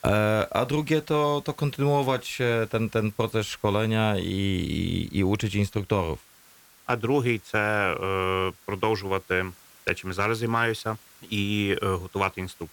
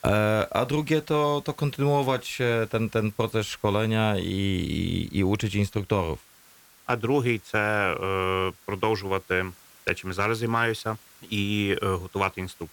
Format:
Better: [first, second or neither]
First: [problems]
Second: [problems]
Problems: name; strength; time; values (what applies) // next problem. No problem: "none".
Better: neither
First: hiss; faint; throughout; 25 dB below the speech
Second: hiss; faint; throughout; 25 dB below the speech